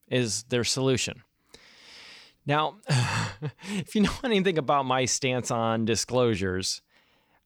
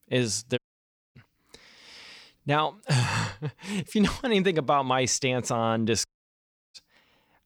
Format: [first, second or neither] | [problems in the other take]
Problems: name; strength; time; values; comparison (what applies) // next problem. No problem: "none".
first | audio cutting out; at 0.5 s for 0.5 s and at 6 s for 0.5 s